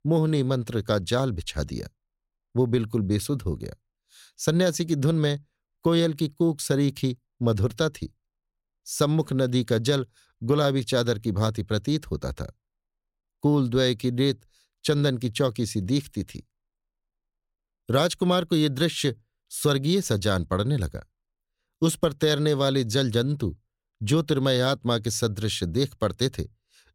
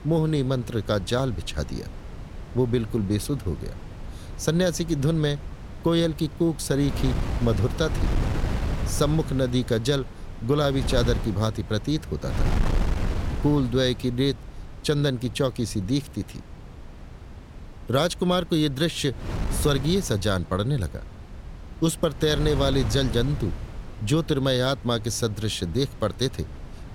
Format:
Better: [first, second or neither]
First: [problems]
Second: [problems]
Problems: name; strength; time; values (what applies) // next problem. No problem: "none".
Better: first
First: none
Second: wind noise on the microphone; occasional gusts; 15 dB below the speech